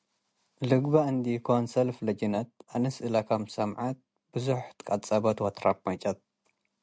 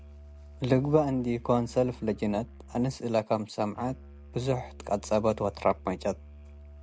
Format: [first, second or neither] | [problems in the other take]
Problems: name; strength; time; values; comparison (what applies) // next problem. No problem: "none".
first | background sound (Musical instrument); 18 dB below the speech